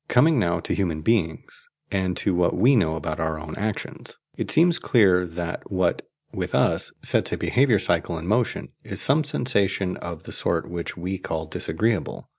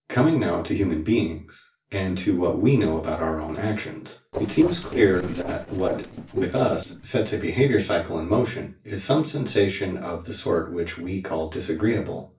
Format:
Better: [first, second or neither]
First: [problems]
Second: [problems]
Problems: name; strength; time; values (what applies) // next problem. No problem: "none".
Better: first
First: none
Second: noise reduction (neural separator model SepFormer DNS4)